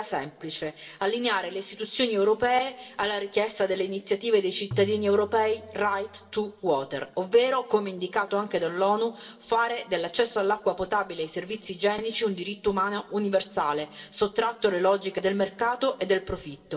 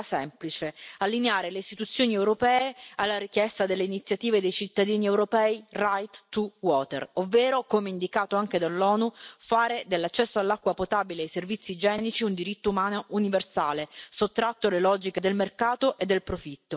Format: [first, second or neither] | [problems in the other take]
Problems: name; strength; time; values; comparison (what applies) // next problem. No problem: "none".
second | background sound (Tabla); 16 dB below the speech // room echo; dies away in 2.8 s